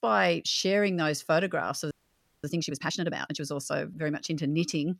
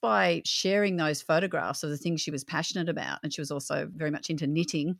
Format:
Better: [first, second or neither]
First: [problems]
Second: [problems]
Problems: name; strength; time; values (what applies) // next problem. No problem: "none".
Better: second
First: audio freezing; at 2 s for 0.5 s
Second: none